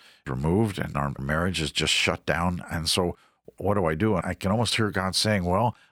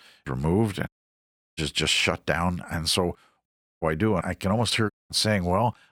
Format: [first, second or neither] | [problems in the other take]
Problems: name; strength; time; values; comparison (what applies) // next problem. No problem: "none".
first | audio cutting out; at 1 s for 0.5 s, at 3.5 s and at 5 s